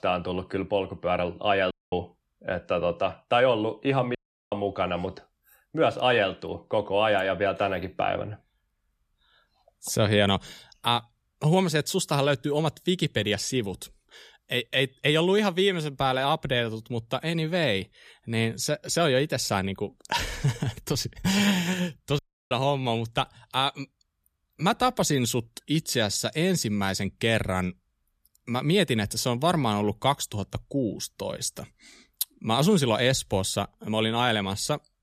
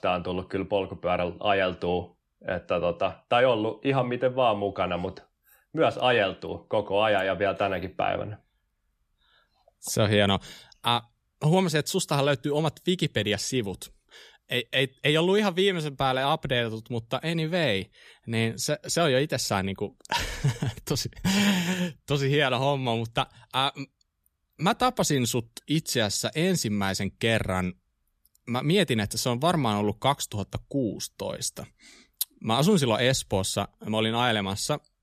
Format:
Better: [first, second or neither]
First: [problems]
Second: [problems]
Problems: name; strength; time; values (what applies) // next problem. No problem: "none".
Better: second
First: audio cutting out; at 1.5 s, at 4 s and at 22 s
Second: none